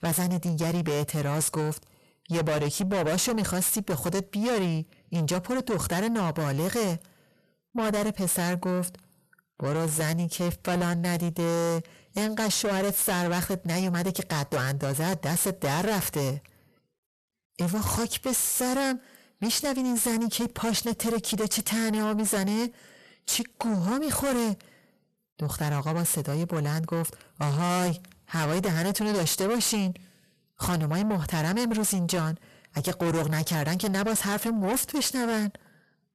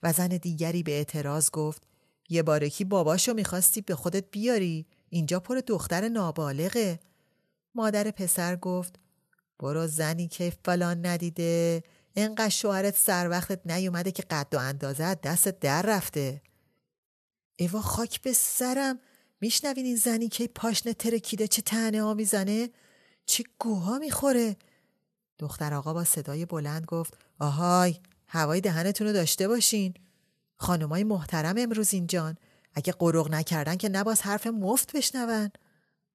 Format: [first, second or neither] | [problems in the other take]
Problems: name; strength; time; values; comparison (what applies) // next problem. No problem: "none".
second | distortion; heavy; 7 dB below the speech